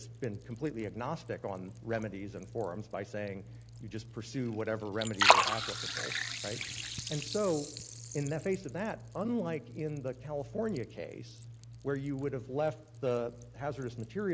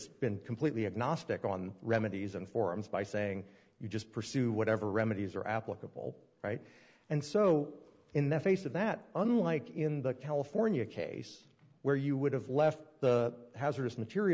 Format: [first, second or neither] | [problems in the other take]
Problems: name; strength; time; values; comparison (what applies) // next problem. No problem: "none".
second | background sound (Liquid); 1 dB below the speech